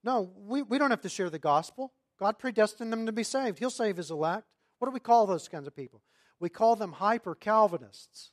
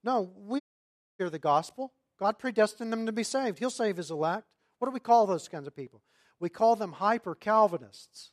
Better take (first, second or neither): first